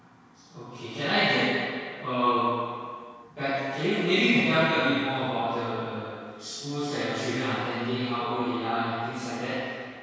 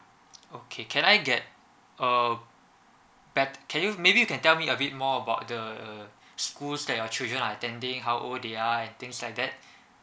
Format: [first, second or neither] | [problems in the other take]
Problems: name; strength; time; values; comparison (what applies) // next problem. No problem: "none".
second | room echo; dies away in 2 s